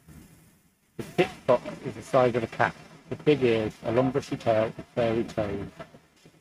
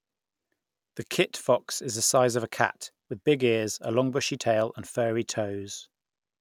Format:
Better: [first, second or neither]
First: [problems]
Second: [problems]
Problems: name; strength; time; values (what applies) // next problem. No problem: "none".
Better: second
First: noise reduction (neural mask model RNNoise)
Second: none